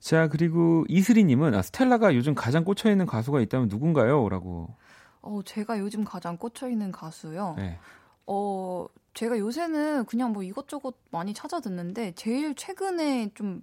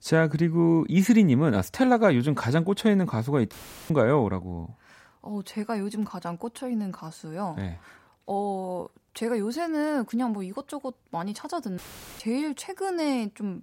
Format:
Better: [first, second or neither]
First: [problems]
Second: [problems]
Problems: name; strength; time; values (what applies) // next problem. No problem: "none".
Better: first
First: none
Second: audio cutting out; filled with static; at 3.5 s and at 12 s